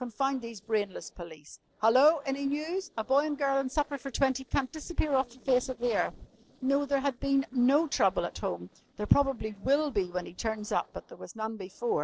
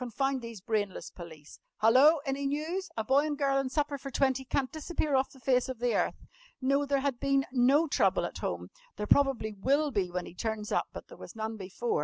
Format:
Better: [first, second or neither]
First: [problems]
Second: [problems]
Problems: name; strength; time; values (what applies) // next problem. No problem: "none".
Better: second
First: noise reduction (neural separator model SepFormer DNS4)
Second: none